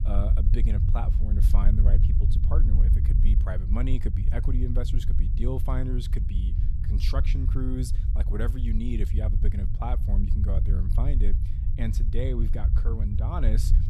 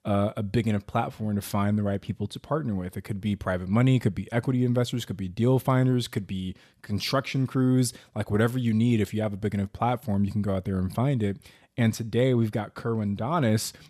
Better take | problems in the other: second | low rumble; loud; throughout; 5 dB below the speech

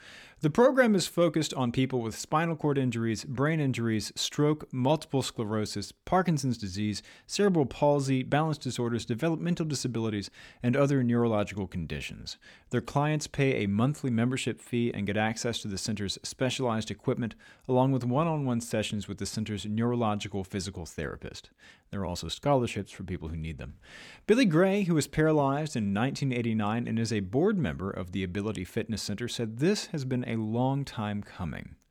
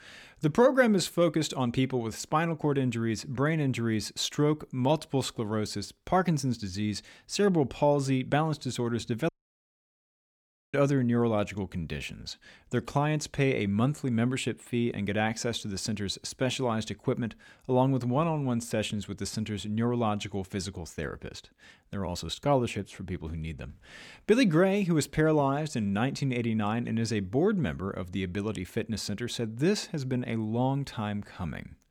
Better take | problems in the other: first | audio cutting out; at 9.5 s for 1.5 s

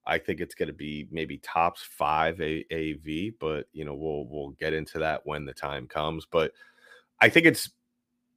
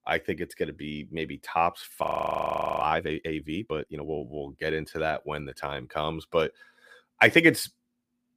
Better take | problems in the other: first | audio freezing; at 2 s for 1 s

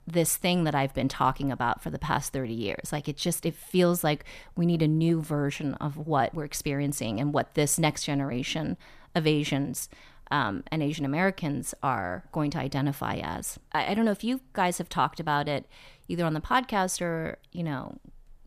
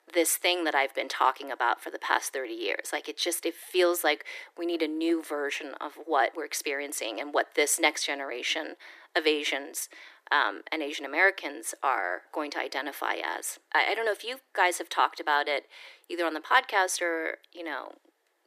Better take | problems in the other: first | thin; very; fading below 300 Hz

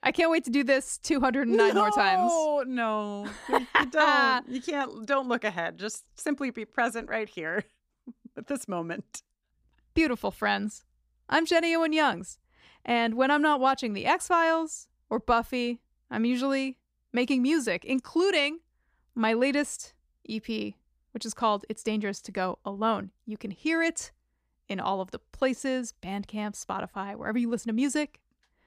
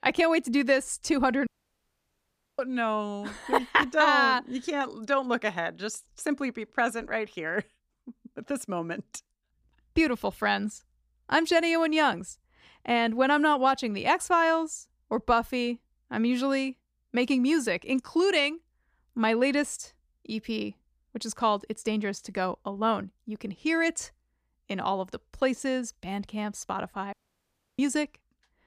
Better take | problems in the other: first | audio cutting out; at 1.5 s for 1 s and at 27 s for 0.5 s

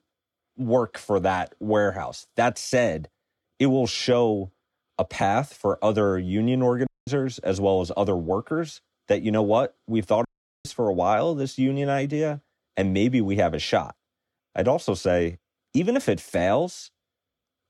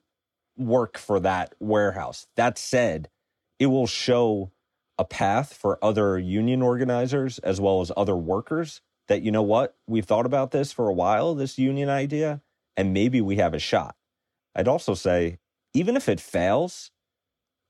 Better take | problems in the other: second | audio cutting out; at 7 s and at 10 s

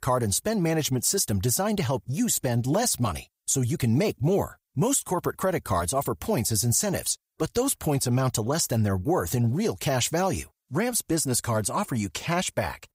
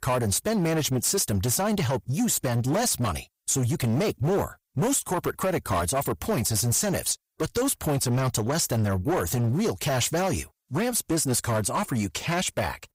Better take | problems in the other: first | distortion; slight; 16% of the sound clipped

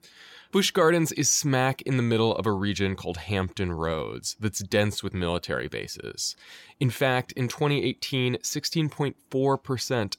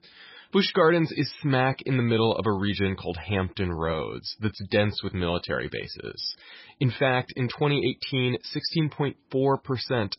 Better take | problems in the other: first | garbled, watery; badly; nothing above 5.5 kHz

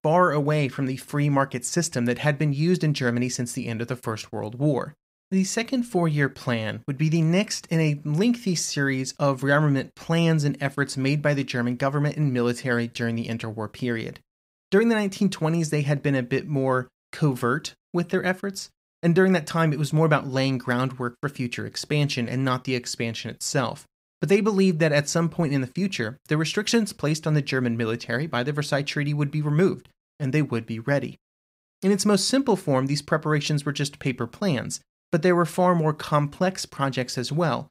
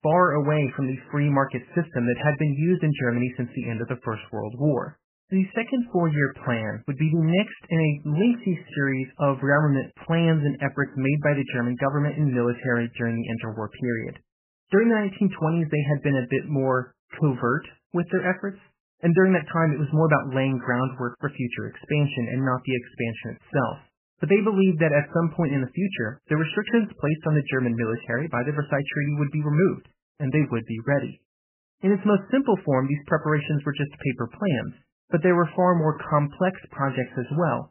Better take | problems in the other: first | garbled, watery; badly; nothing above 3 kHz

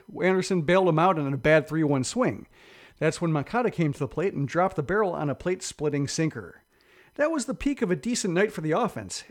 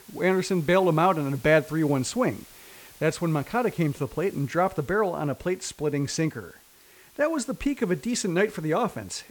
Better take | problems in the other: first | hiss; faint; throughout; 25 dB below the speech

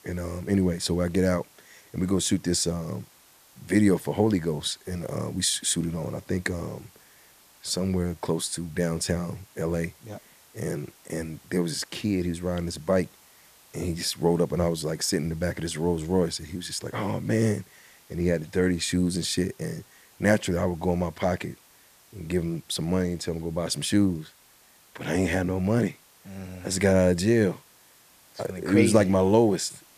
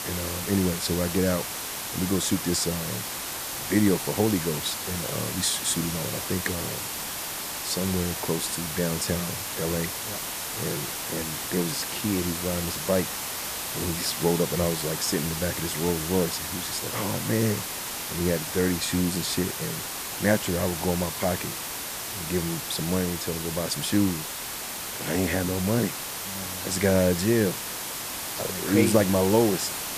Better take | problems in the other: first | hiss; loud; throughout; 3 dB below the speech; faint in the first

